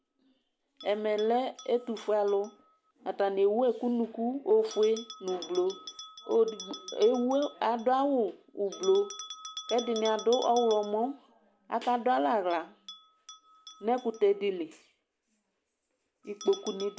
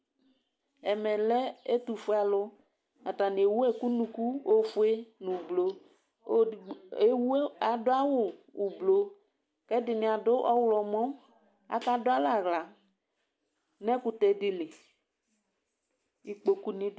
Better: second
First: background sound (Bell); 18 dB below the speech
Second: none

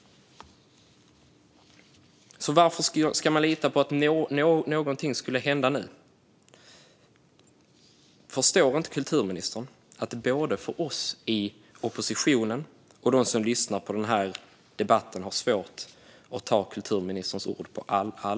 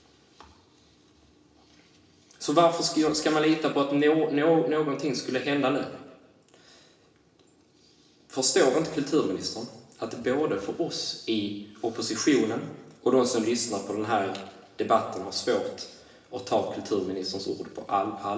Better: first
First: none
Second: room echo; dies away in 0.9 s

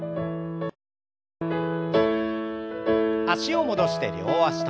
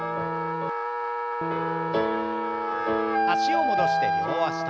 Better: first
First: none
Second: background sound (Wind instrument, woodwind instrument); 3 dB above the speech

